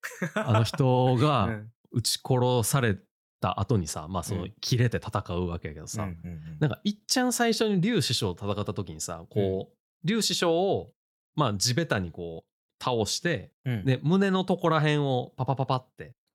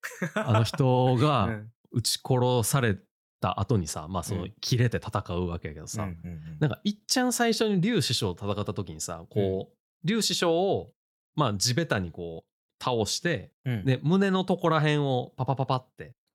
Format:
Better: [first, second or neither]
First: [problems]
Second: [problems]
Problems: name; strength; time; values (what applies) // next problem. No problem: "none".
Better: neither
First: none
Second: none